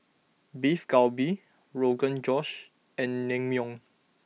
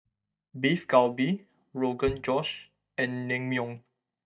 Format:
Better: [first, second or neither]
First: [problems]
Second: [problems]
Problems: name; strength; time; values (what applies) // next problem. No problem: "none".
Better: first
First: none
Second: noise reduction (neural mask model DeepFilterNet 3)